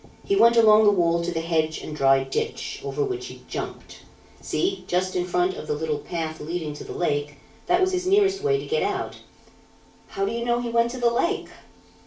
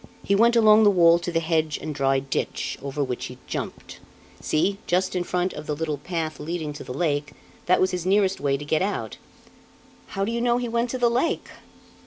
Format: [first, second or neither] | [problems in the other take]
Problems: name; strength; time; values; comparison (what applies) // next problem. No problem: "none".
second | room echo; dies away in 0.3 s